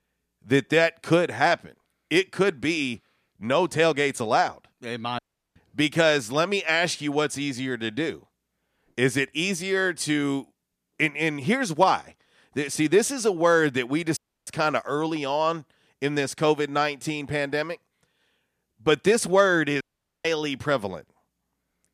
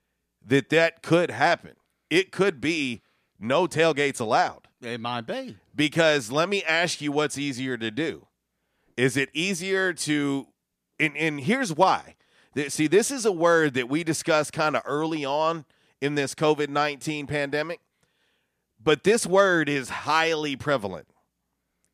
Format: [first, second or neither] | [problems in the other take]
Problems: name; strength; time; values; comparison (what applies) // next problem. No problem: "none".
second | audio cutting out; at 5 s, at 14 s and at 20 s